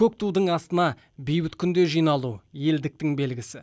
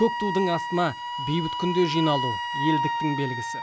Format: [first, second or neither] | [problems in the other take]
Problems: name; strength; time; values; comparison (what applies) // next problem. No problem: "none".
first | background sound (Wind instrument, woodwind instrument); 3 dB below the speech